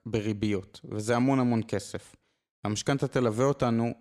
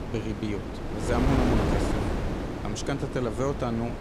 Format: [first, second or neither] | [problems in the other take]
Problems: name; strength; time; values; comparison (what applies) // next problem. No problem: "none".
first | wind noise on the microphone; heavy; as loud as the speech